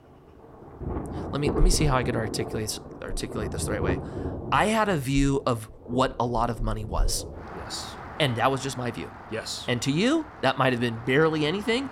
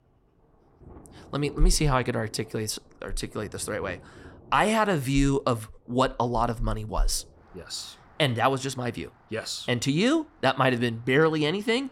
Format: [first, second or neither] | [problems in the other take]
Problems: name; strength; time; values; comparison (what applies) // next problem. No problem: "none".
second | rain or running water; loud; throughout; 10 dB below the speech; faint in the second